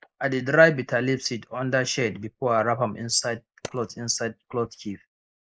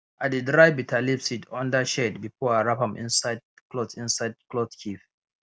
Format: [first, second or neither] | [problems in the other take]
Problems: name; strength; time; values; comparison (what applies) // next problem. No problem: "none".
second | noise reduction (neural mask model Resemble Enhance denoiser)